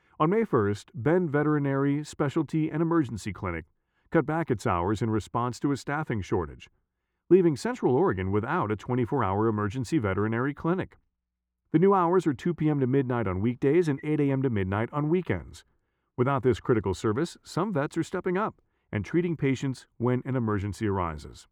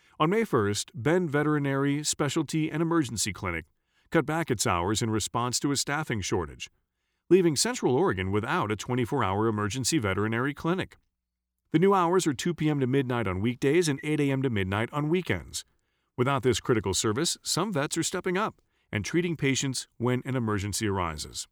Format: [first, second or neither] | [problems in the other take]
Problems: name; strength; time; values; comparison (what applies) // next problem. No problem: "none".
second | muffled; very; fading above 2.5 kHz